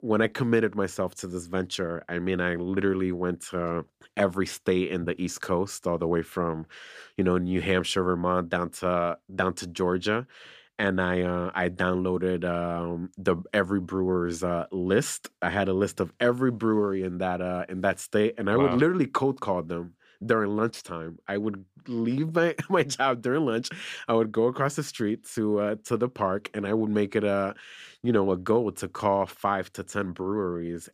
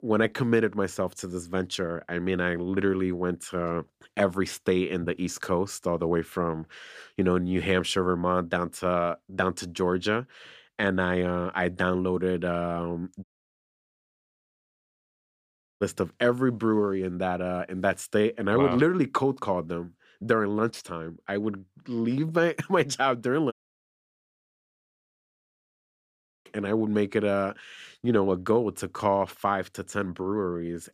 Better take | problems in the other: first | audio cutting out; at 13 s for 2.5 s and at 24 s for 3 s

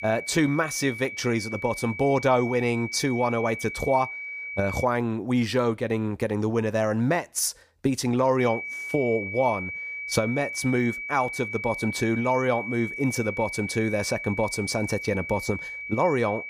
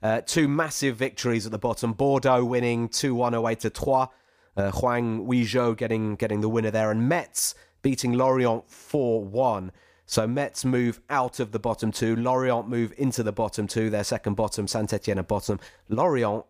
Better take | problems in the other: second | high-pitched whine; loud; until 5 s and from 8.5 s on; 2.5 kHz, 7 dB below the speech

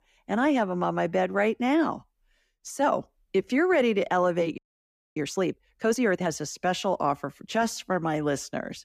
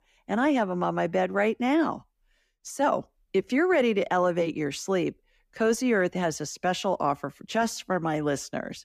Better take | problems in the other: second | audio freezing; at 4.5 s for 0.5 s

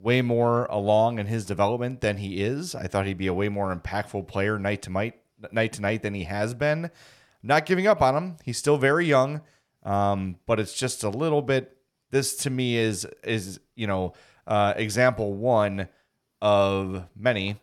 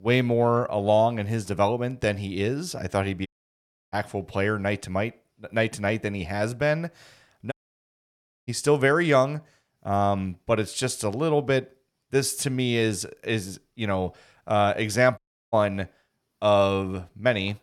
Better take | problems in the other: first | audio cutting out; at 3.5 s for 0.5 s, at 7.5 s for 1 s and at 15 s

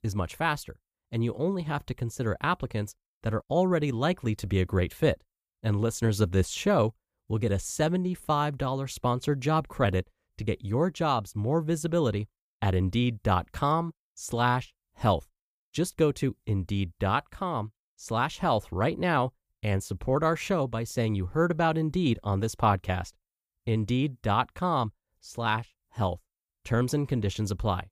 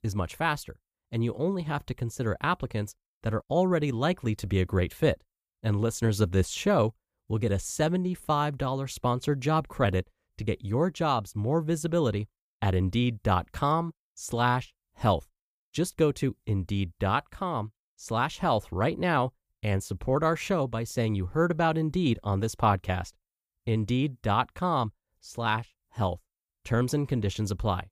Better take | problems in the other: neither | none

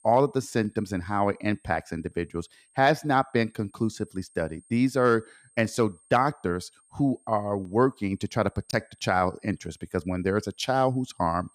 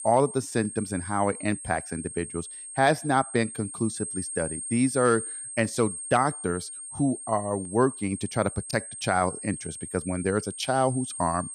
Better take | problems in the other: first | high-pitched whine; loud; throughout; 8.5 kHz, 8 dB below the speech; faint in the first

